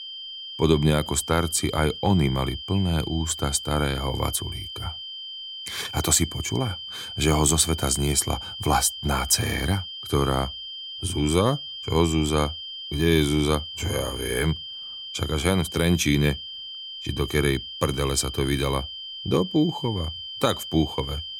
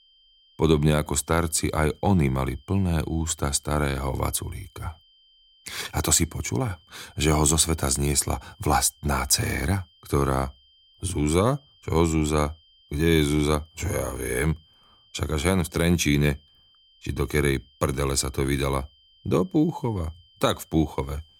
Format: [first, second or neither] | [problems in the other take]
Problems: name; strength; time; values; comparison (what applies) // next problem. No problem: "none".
second | high-pitched whine; loud; throughout; 3 kHz, 9 dB below the speech; faint in the second